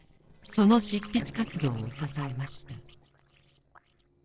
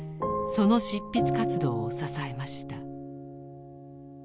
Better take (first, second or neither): second